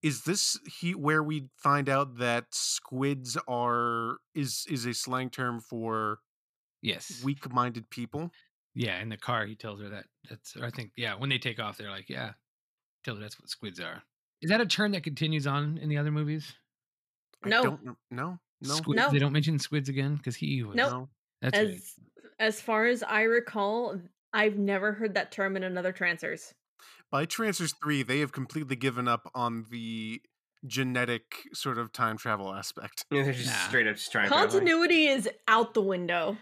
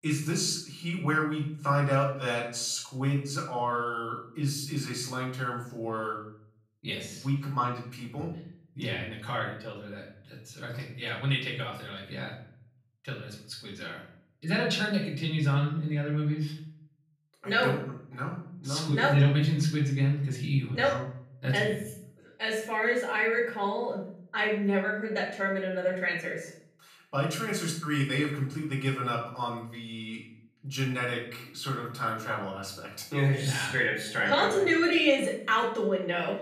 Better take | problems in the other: first | off-mic speech; far // room echo; noticeable; dies away in 0.5 s

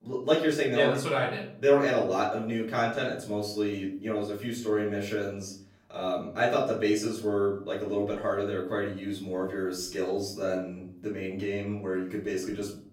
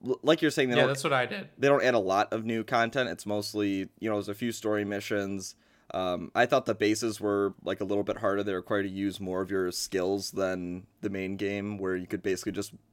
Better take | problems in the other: second | off-mic speech; far // room echo; slight; dies away in 0.5 s

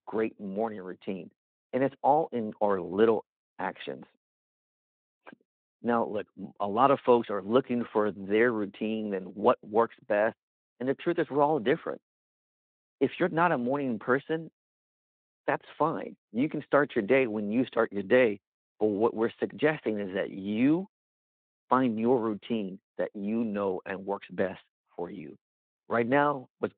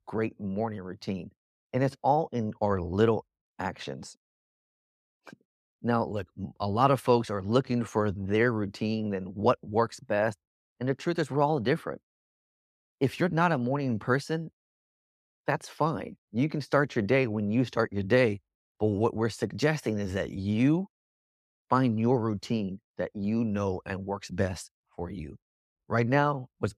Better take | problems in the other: second | phone-call audio

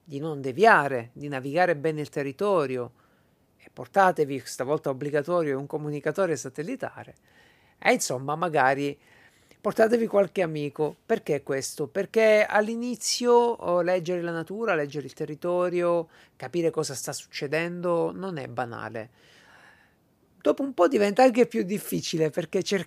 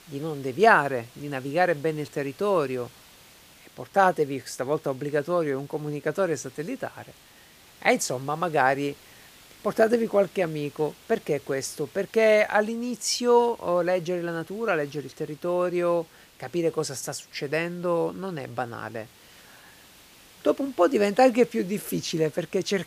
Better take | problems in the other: first | hiss; faint; throughout; 25 dB below the speech

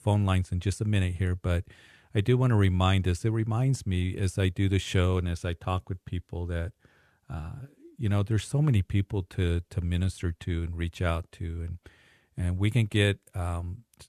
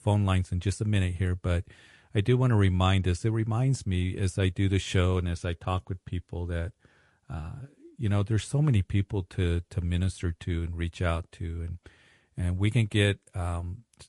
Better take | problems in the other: first | garbled, watery; slightly

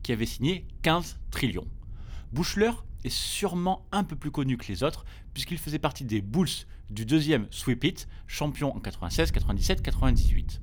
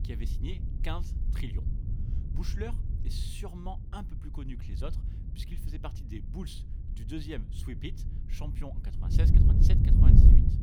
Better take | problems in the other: first | wind noise on the microphone; heavy; 1 dB above the speech; occasional gusts in the first

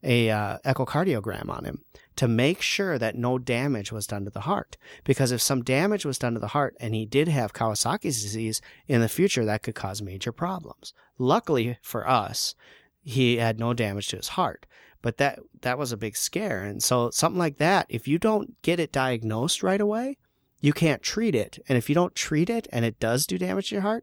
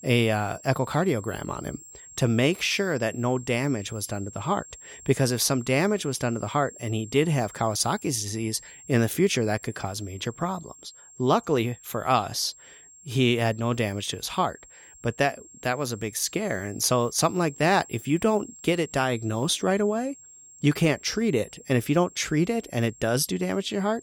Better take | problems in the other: first | high-pitched whine; noticeable; throughout; 7.5 kHz, 20 dB below the speech

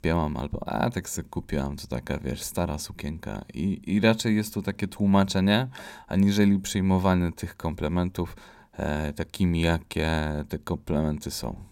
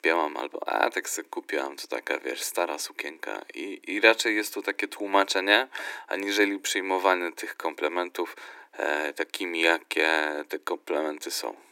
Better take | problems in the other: first | thin; very; fading below 300 Hz

